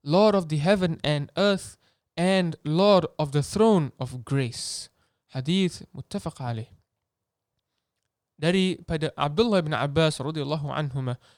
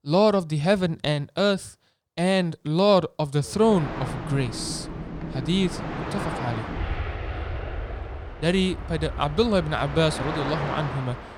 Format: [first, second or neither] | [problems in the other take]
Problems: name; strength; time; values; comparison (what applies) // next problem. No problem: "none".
first | train or aircraft noise; loud; from 3.5 s on; 9 dB below the speech